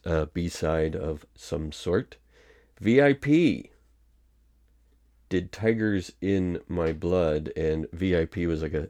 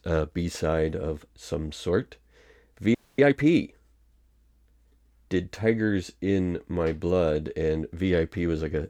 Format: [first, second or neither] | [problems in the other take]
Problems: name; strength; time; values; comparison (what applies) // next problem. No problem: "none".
first | audio freezing; at 3 s